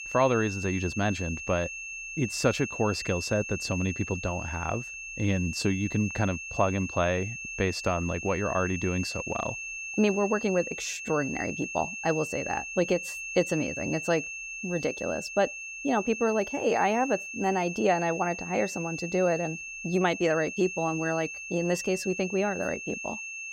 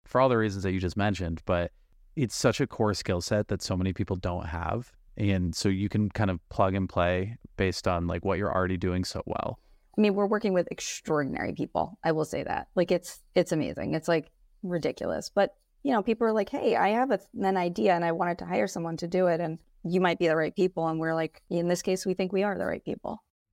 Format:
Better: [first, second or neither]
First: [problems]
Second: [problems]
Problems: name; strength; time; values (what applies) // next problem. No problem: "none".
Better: second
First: high-pitched whine; loud; throughout; 2.5 kHz, 7 dB below the speech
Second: none